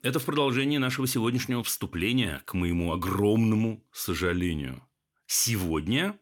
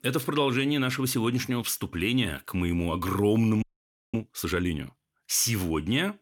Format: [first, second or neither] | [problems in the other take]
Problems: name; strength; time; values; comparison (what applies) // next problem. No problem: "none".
first | audio freezing; at 3.5 s for 0.5 s